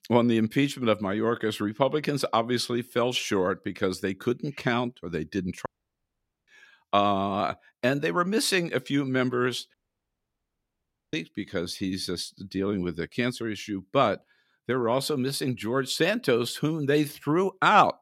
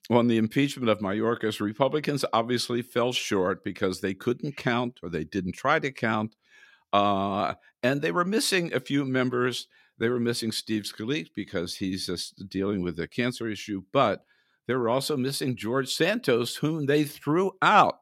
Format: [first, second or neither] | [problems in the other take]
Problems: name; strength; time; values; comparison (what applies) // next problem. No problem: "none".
second | audio cutting out; at 5.5 s for 1 s and at 9.5 s for 1.5 s